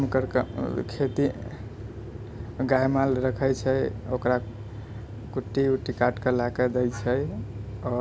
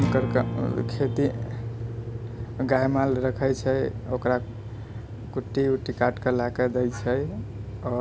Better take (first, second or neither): first